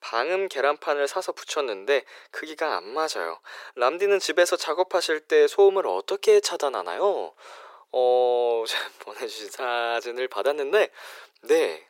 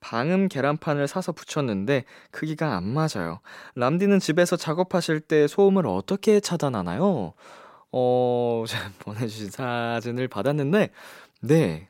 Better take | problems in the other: second | thin; very; fading below 400 Hz

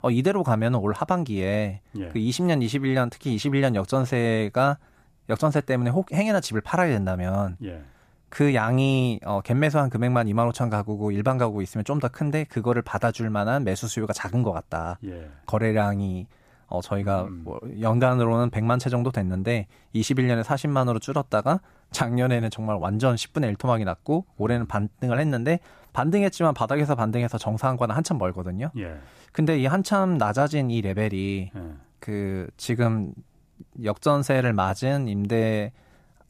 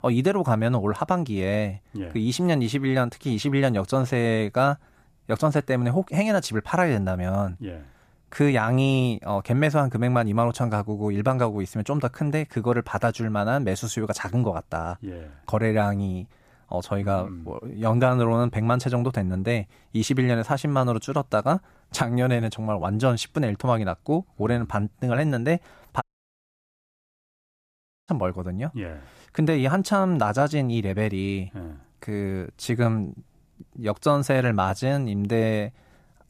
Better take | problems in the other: first | audio cutting out; at 26 s for 2 s

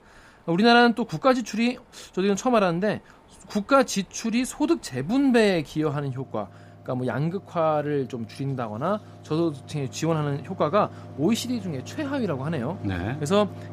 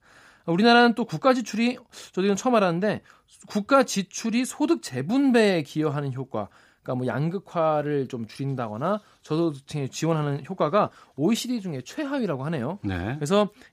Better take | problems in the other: second | machinery noise; noticeable; throughout; 20 dB below the speech

